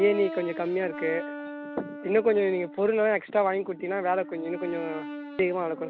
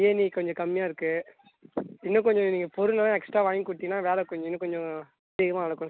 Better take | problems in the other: second | background sound (Brass instrument); 12 dB below the speech

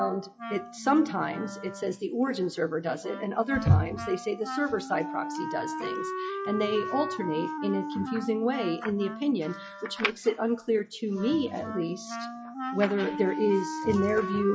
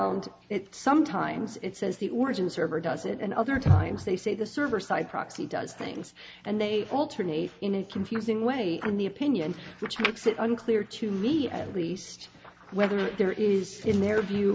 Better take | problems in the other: second | noise reduction (classical method log-MMSE)

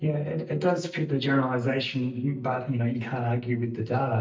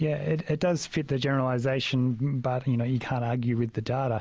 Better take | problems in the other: second | noise reduction (neural mask model DeepFilterNet 3)

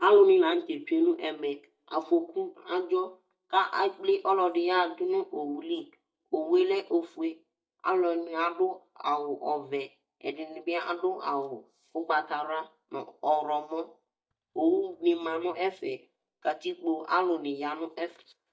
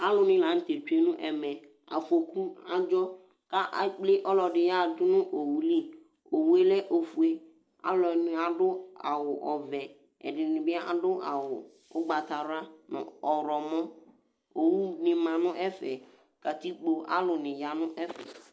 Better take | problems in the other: second | noise reduction (neural mask model DeepFilterNet 3)

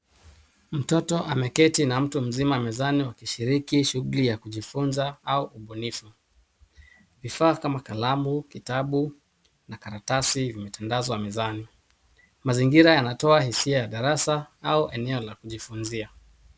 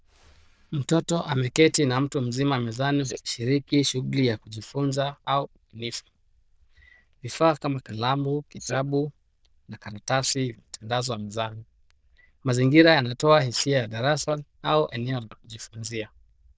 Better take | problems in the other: first | noise reduction (neural diffusion model UNIVERSE++)

